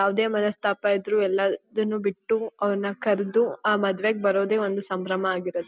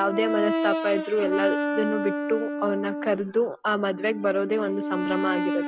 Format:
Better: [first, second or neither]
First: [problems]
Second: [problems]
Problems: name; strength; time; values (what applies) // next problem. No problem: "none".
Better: first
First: none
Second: background sound (Brass instrument); 2 dB below the speech